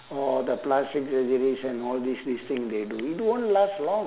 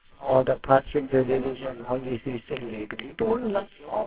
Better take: first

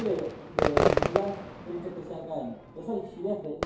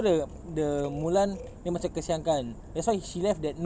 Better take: second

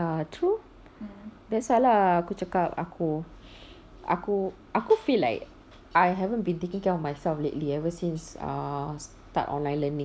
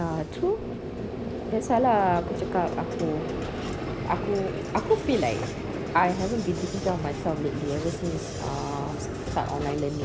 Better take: first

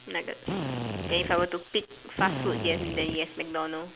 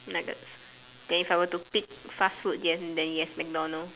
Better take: second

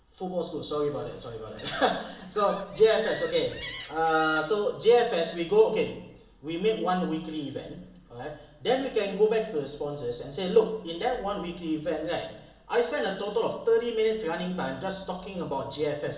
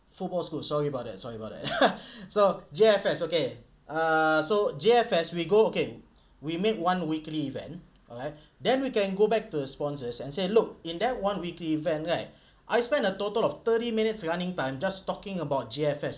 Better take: second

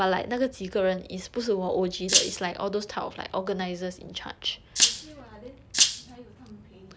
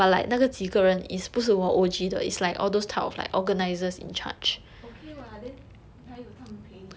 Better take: second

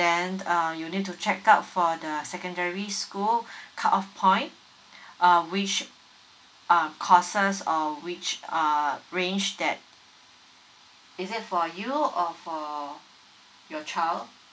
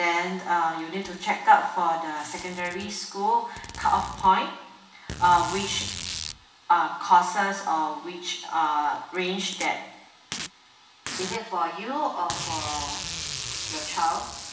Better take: first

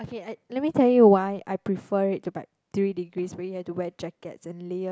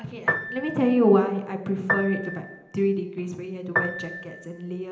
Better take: first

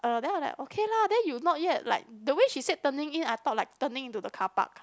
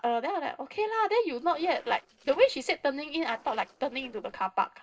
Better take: first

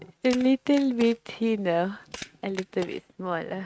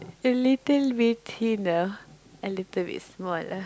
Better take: second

